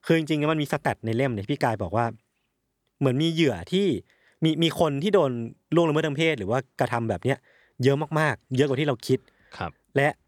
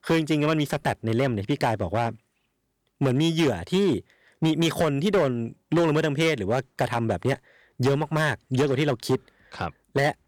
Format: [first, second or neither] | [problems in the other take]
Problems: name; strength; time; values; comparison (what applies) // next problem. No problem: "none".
first | distortion; slight; 7% of the sound clipped